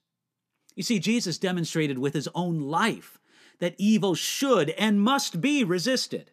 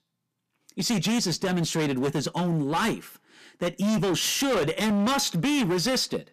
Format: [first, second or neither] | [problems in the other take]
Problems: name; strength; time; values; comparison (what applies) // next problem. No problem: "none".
first | distortion; heavy; 23% of the sound clipped